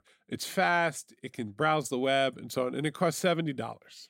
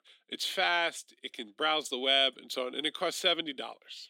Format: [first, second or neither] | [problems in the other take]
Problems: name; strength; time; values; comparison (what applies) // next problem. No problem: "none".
first | thin; somewhat; fading below 250 Hz